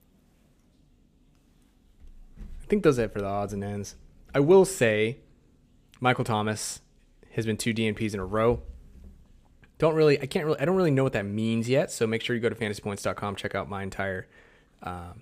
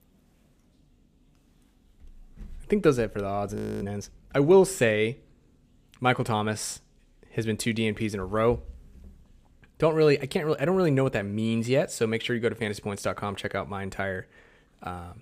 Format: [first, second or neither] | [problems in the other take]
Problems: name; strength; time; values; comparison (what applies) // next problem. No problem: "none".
first | audio freezing; at 3.5 s